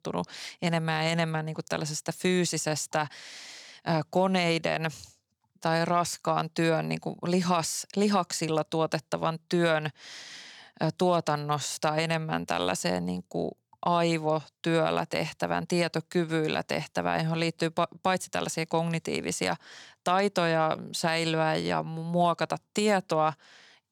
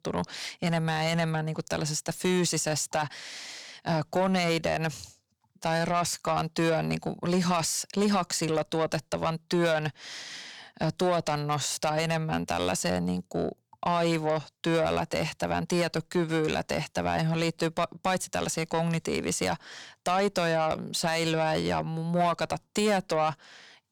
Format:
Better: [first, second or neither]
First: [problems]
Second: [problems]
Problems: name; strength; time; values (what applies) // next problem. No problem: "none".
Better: first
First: none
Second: distortion; slight; 10 dB below the speech